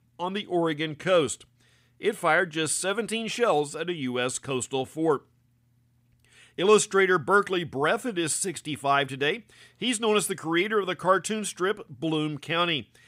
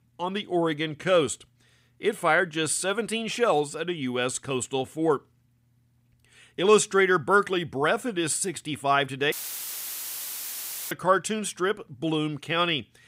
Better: first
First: none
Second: audio cutting out; filled with static; at 9.5 s for 1.5 s

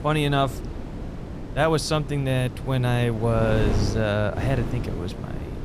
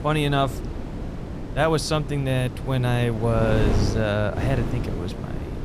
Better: first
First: wind noise on the microphone; occasional gusts; 10 dB below the speech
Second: wind noise on the microphone; heavy; 10 dB below the speech

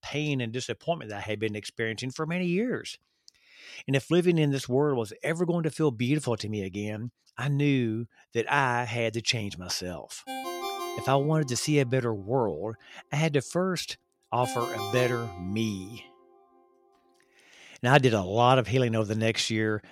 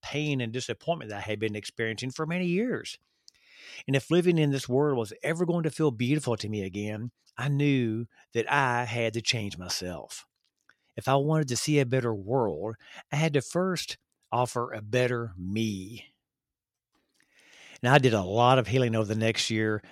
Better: second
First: phone ringing; noticeable; from 10 to 16 s; peak 6 dB below the speech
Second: none

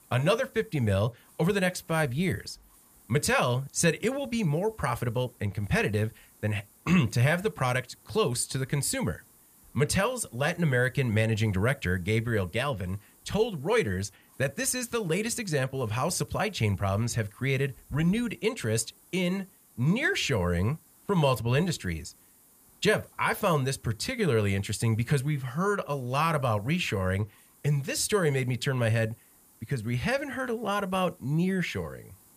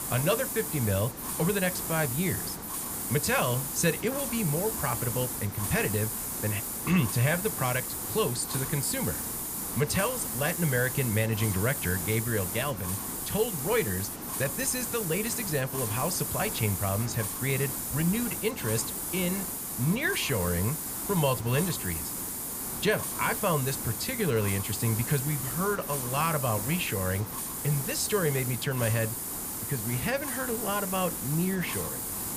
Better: first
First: hiss; faint; throughout; 30 dB below the speech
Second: hiss; loud; throughout; 2 dB below the speech

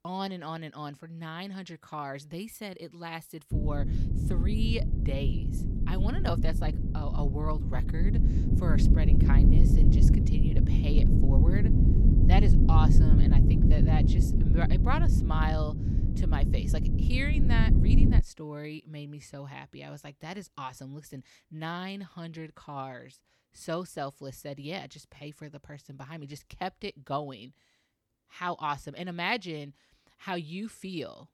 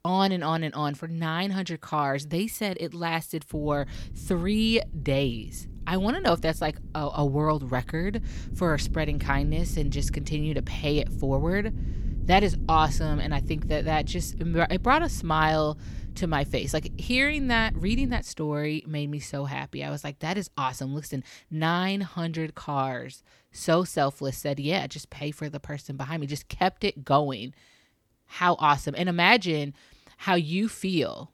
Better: second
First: low rumble; loud; from 3.5 to 18 s; 1 dB below the speech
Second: low rumble; faint; from 3.5 to 18 s; 20 dB below the speech

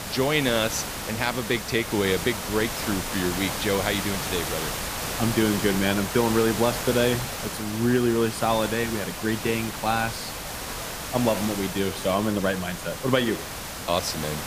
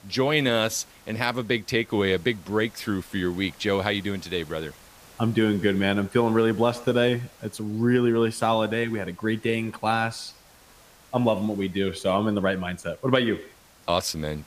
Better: second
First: hiss; loud; throughout; 5 dB below the speech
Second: hiss; faint; throughout; 25 dB below the speech

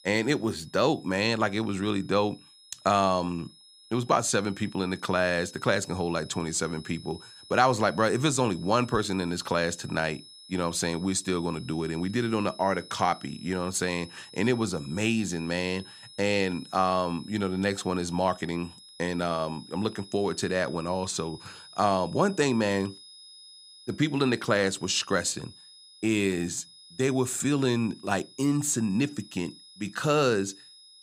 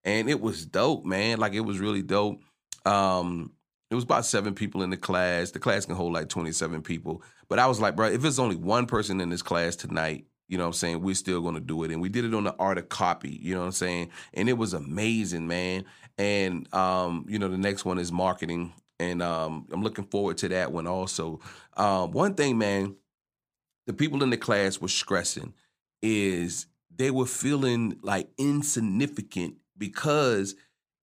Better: second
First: high-pitched whine; faint; throughout; 5 kHz, 20 dB below the speech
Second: none

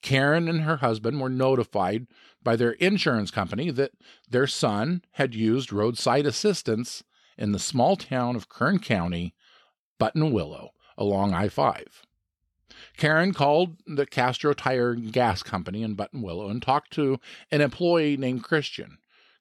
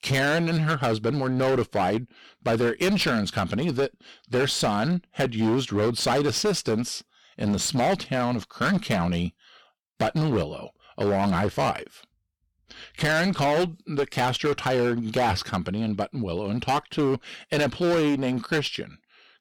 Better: first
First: none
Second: distortion; heavy; 16% of the sound clipped

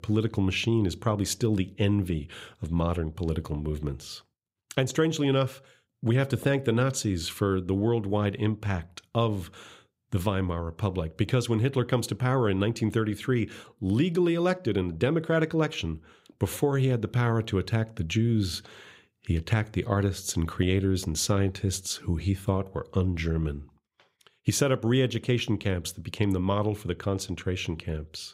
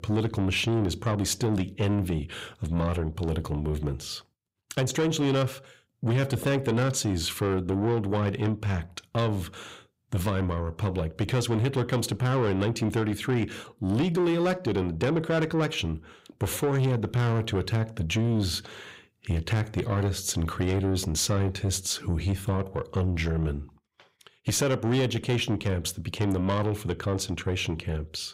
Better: first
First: none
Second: distortion; slight; 10 dB below the speech

